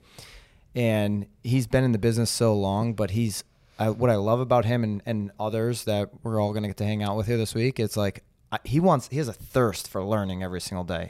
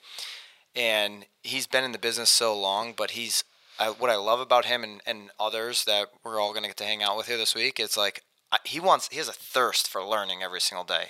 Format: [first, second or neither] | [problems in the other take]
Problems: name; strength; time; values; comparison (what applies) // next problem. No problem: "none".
first | thin; very; fading below 850 Hz